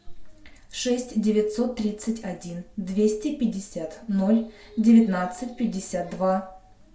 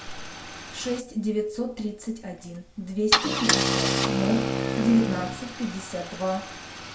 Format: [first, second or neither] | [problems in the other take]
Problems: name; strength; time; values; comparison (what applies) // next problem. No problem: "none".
first | background sound (Wind instrument, woodwind instrument + Idling / Engine starting / Car); as loud as the speech